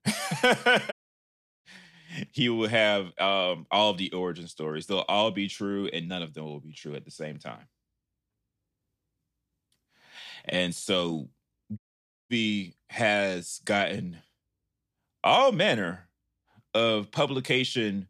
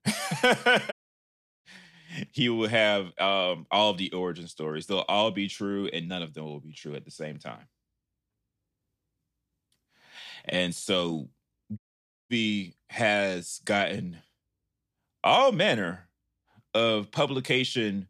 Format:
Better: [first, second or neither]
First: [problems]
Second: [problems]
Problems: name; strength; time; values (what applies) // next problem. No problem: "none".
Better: neither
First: audio cutting out; at 1 s for 0.5 s and at 12 s for 0.5 s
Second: audio cutting out; at 1 s for 0.5 s and at 12 s for 0.5 s